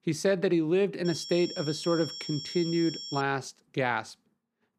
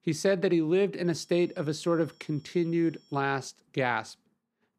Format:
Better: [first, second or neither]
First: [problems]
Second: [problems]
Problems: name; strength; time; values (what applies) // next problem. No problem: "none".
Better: second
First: high-pitched whine; loud; from 1 to 3 s; 5.5 kHz, 9 dB below the speech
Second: high-pitched whine; faint; from 1 to 3 s; 5.5 kHz, 35 dB below the speech